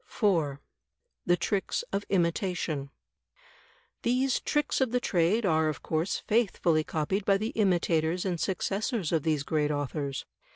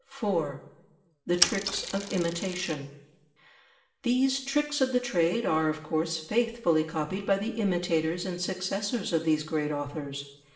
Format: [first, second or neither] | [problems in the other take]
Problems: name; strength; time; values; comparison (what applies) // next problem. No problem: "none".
first | background sound (Mechanisms / Bicycle); 3 dB below the speech // room echo; dies away in 0.8 s